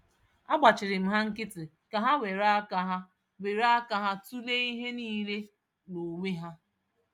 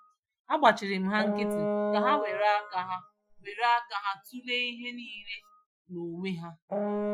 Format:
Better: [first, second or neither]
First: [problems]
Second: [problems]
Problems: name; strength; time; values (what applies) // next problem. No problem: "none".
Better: first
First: none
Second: noise reduction (classical method Wiener filter)